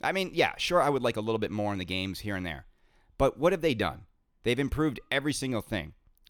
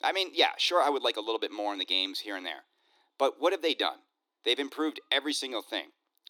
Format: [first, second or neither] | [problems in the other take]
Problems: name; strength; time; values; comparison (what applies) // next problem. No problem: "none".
first | thin; somewhat; fading below 300 Hz